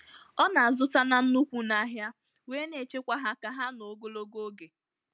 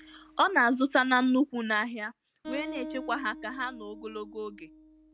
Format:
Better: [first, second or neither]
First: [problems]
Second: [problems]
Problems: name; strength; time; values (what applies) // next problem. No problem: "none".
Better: first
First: none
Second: background sound (Acoustic guitar); 15 dB below the speech